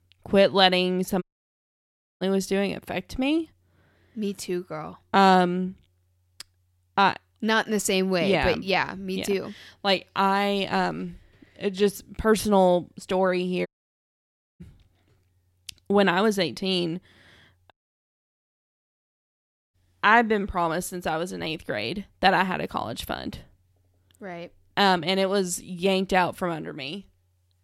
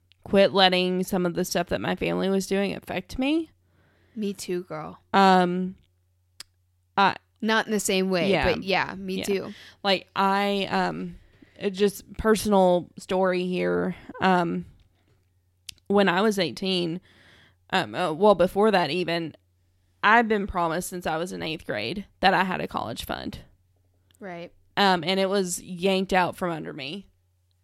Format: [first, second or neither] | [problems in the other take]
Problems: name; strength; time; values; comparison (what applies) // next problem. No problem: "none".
second | audio cutting out; at 1 s for 1 s, at 14 s for 1 s and at 18 s for 2 s